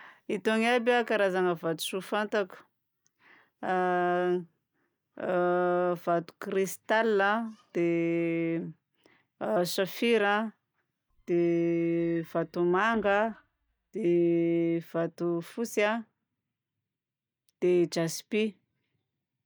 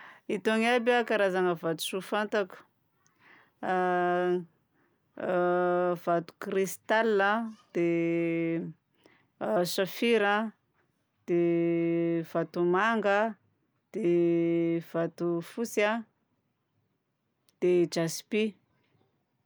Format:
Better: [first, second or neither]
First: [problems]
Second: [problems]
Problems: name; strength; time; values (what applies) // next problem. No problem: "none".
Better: second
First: noise reduction (neural mask model DeepFilterNet 3)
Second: none